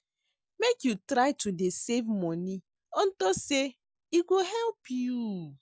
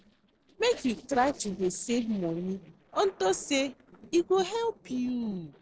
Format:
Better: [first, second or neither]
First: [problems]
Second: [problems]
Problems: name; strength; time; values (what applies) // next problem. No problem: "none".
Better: first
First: none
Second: noise reduction (neural separator model SepFormer DNS4)